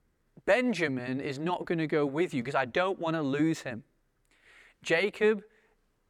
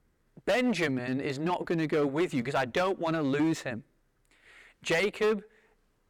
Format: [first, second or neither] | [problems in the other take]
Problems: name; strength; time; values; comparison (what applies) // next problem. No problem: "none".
first | distortion; slight; 6% of the sound clipped